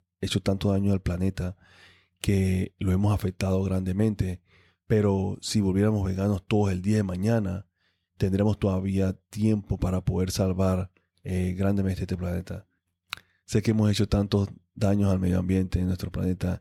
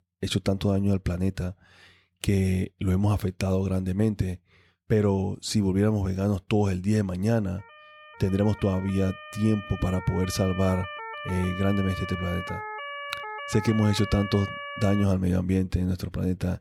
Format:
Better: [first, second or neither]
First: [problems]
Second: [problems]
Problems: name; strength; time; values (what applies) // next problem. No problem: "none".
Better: first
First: none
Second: siren; noticeable; from 7.5 to 15 s; peak 8 dB below the speech